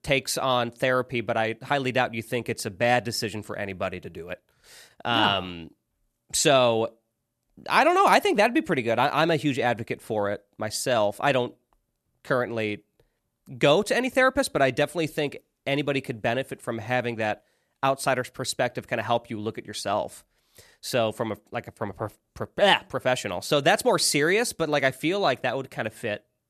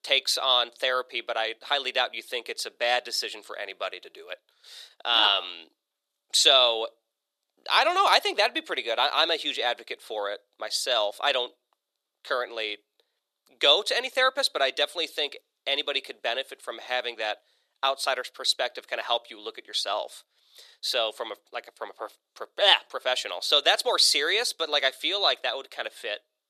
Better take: first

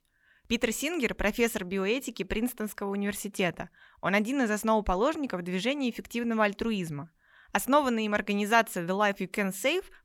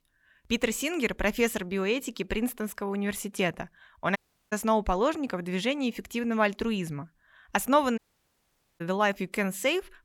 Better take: first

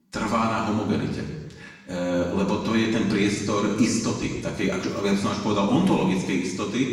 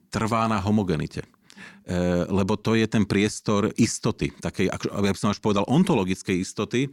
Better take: second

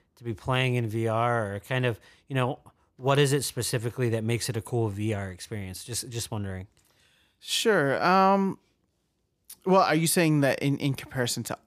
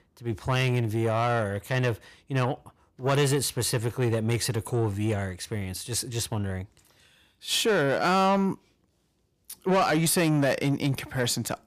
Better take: first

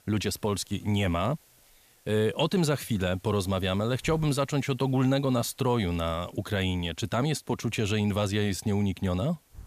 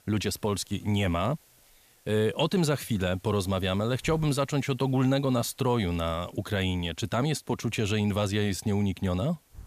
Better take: neither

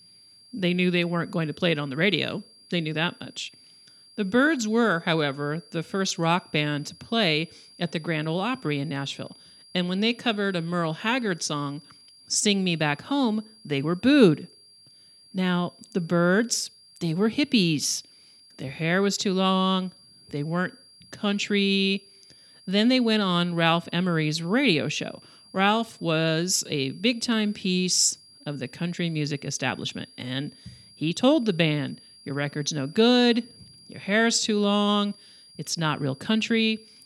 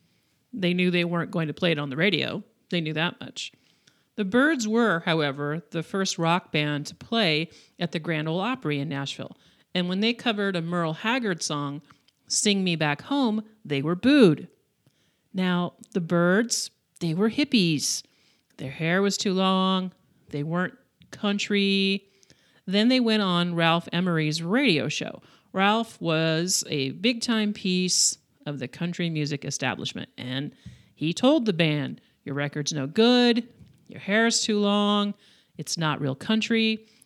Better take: second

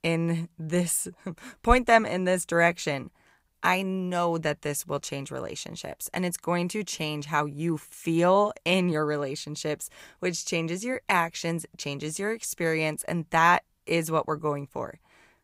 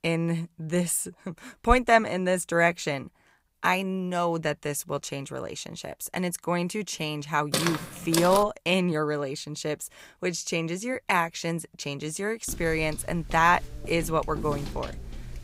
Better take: first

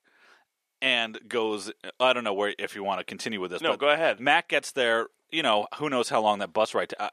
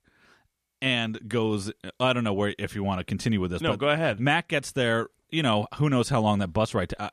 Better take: second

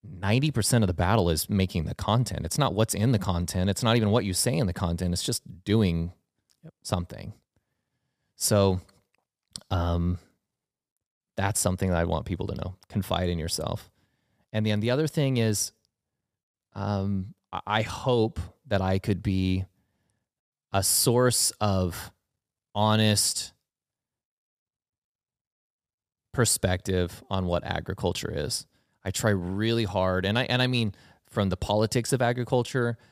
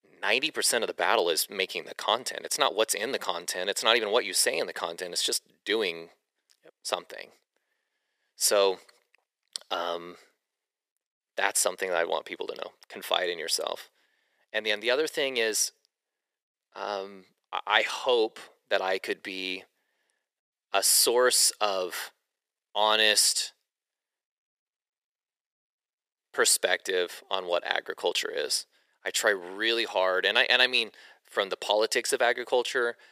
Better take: first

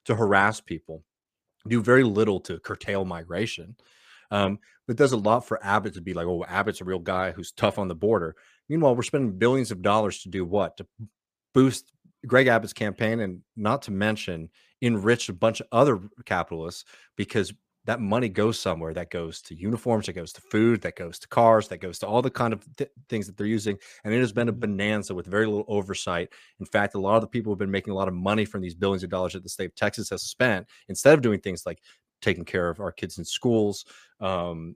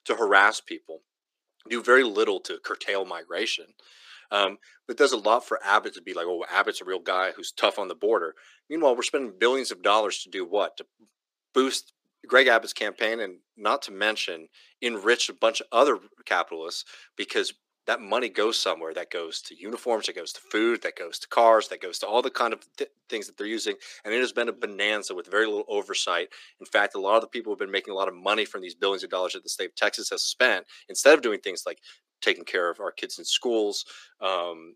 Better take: first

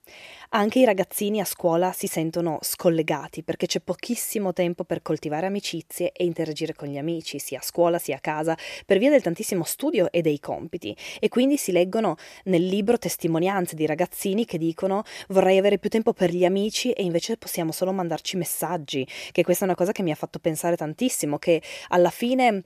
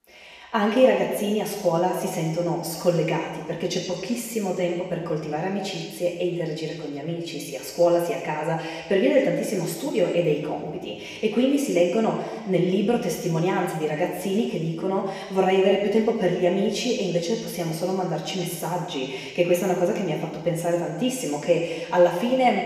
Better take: first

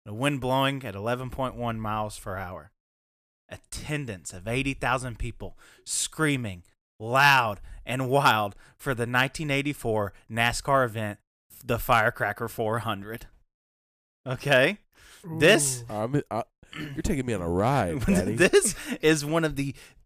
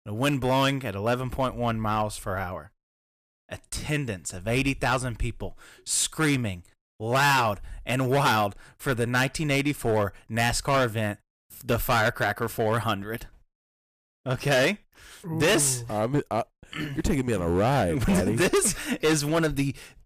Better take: first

